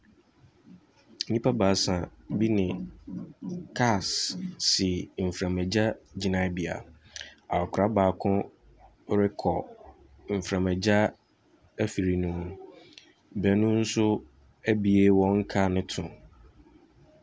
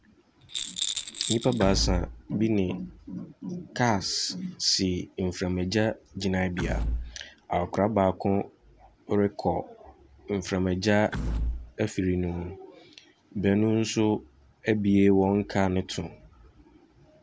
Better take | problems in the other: first | background sound (Door / Wood + Rattle); 6 dB below the speech

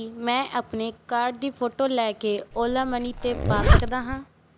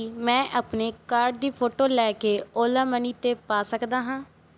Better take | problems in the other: second | background sound (Zipper (clothing)); 4 dB above the speech

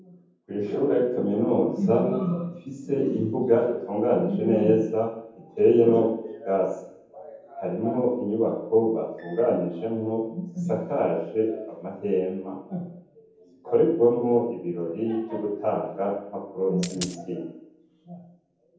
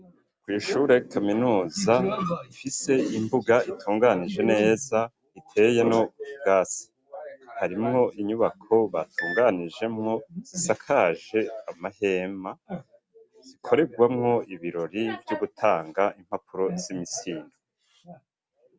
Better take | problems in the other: second | background sound (Coin (dropping)); 12 dB below the speech // room echo; dies away in 0.9 s

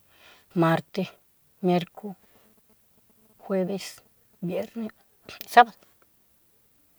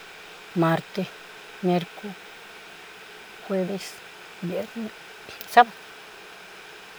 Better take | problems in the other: first | background sound (Boiling); 16 dB below the speech

